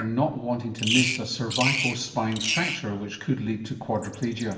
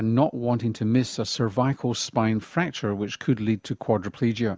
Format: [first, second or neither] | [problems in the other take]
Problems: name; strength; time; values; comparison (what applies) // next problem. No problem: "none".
second | background sound (Bird vocalization, bird call, bird song); 4 dB below the speech // room echo; dies away in 1.1 s